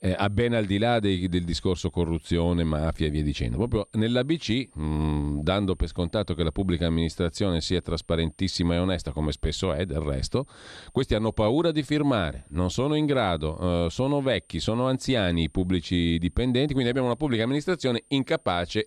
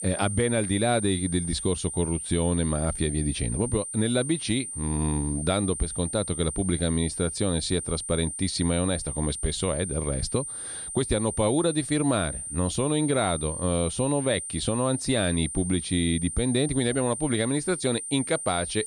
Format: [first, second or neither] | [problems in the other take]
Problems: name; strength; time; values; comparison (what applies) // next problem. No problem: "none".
first | high-pitched whine; loud; throughout; 9 kHz, 6 dB below the speech; faint in the first